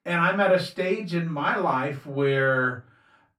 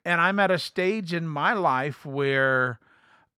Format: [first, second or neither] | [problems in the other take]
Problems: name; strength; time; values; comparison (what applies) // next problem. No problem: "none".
second | off-mic speech; far // room echo; very slight; dies away in 0.2 s